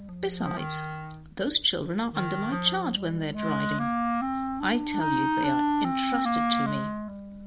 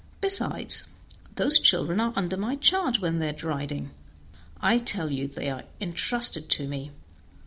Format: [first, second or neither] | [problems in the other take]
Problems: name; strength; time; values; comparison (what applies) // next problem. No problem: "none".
second | background sound (Wind instrument, woodwind instrument); 2 dB above the speech